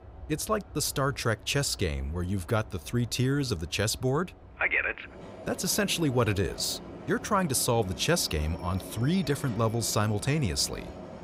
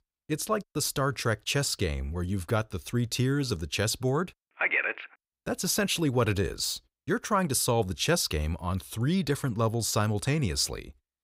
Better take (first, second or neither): second